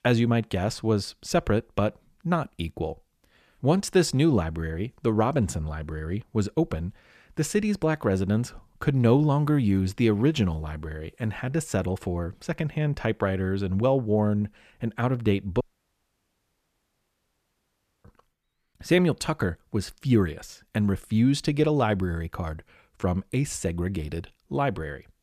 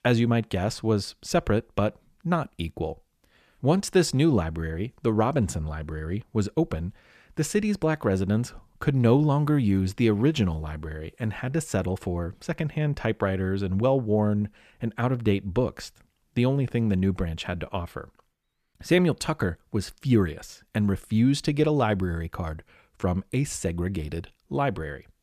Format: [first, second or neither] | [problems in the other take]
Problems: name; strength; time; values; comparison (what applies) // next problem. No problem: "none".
second | audio cutting out; at 16 s for 2.5 s